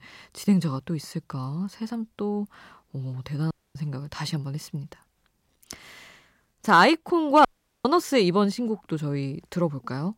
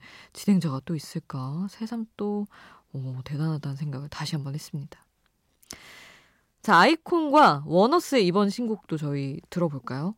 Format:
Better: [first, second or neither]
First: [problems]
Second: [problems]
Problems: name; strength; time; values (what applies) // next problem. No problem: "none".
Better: second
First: audio cutting out; at 3.5 s and at 7.5 s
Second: none